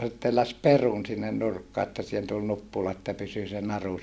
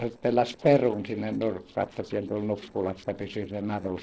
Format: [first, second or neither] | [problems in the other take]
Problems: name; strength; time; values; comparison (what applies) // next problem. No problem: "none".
first | noise reduction (neural separator model SepFormer DNS4)